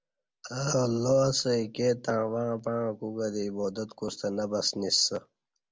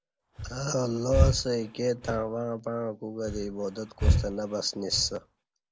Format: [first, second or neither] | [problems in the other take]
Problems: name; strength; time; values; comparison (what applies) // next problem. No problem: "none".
first | background sound (Breathing); as loud as the speech